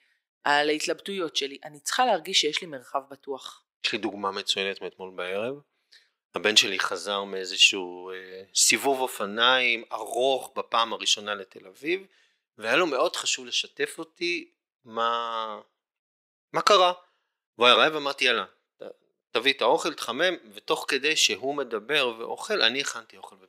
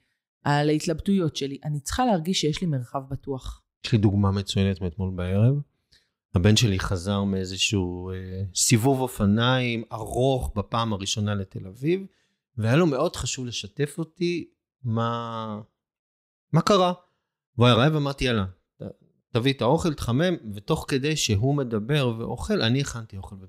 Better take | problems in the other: second | thin; very; fading below 400 Hz

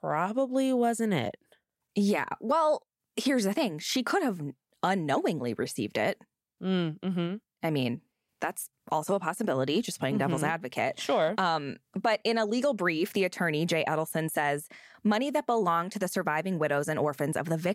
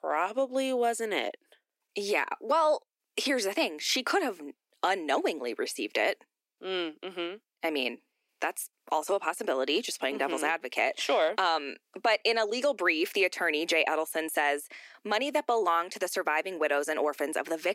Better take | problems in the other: first | thin; somewhat; fading below 300 Hz

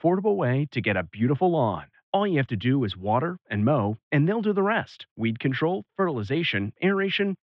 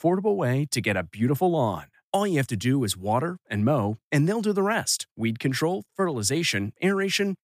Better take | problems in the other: second | muffled; very; fading above 3.5 kHz

